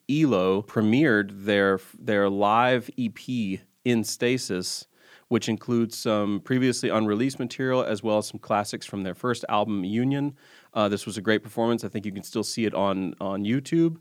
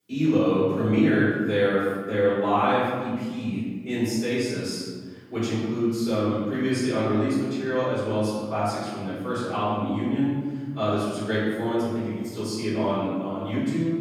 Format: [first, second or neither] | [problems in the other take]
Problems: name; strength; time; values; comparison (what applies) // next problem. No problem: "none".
first | off-mic speech; far // room echo; strong; dies away in 1.5 s